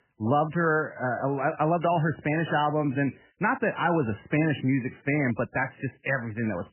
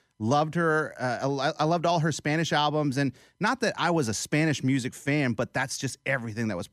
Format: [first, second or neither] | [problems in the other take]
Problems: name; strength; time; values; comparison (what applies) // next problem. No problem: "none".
second | garbled, watery; badly; nothing above 3 kHz